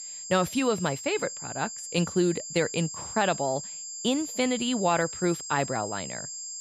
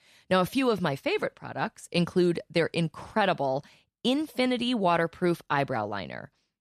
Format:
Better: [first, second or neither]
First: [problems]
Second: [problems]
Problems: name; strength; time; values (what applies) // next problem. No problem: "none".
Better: second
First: high-pitched whine; loud; throughout; 7.5 kHz, 7 dB below the speech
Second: none